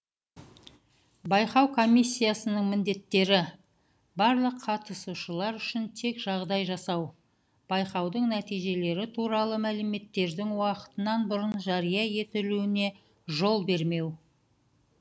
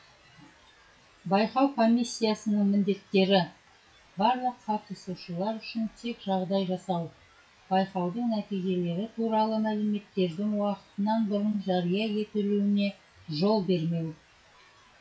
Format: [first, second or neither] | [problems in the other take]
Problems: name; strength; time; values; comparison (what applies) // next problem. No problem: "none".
first | noise reduction (classical method WPE with log-MMSE)